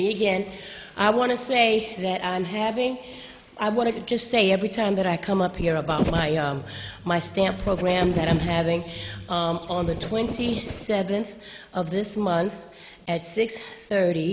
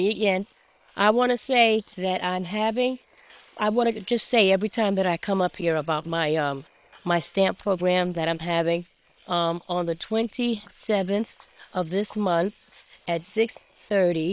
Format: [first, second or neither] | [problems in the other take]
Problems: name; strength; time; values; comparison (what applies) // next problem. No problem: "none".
first | noise reduction (neural separator model SepFormer WHAM!)